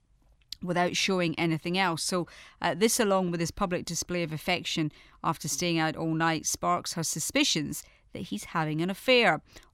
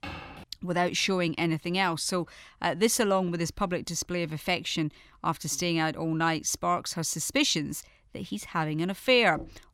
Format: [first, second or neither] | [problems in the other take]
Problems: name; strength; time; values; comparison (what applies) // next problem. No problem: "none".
first | footsteps; faint; at the start; peak 10 dB below the speech // door banging; faint; at 9.5 s; peak 15 dB below the speech